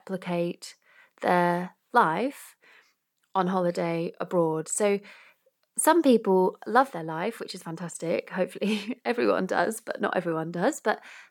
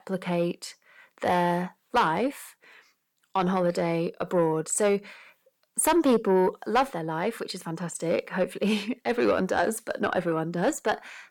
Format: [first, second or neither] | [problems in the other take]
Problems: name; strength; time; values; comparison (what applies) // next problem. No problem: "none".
first | distortion; slight; 10 dB below the speech